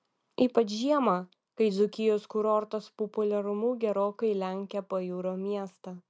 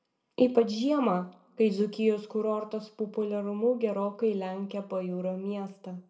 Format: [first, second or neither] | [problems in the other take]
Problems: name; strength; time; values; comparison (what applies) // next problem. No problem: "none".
first | room echo; dies away in 0.4 s